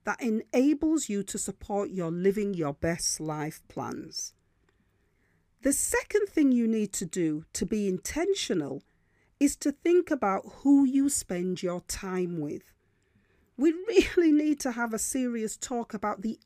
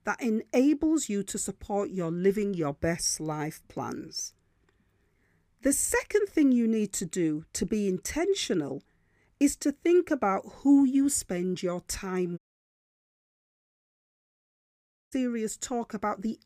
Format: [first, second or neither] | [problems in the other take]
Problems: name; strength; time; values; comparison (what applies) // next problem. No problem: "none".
first | audio cutting out; at 12 s for 2.5 s